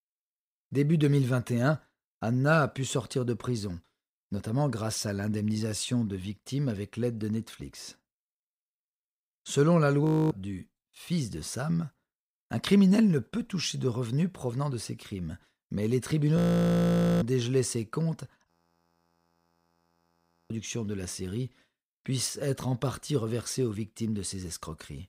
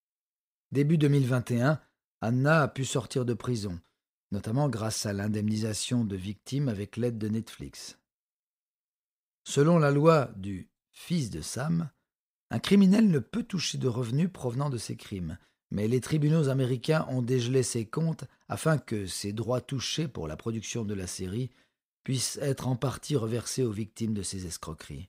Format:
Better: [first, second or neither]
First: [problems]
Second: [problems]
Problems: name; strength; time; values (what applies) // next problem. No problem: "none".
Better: second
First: audio freezing; at 10 s, at 16 s for 1 s and at 18 s for 2 s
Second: none